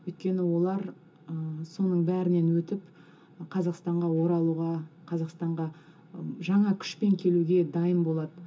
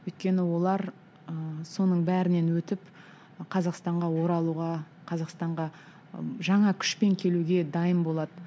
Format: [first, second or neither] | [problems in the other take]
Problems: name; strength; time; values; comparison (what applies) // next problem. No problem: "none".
second | room echo; dies away in 0.2 s